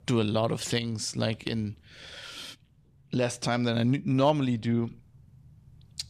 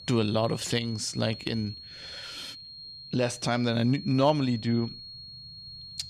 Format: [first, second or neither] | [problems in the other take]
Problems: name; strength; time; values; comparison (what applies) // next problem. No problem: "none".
first | high-pitched whine; noticeable; throughout; 4.5 kHz, 15 dB below the speech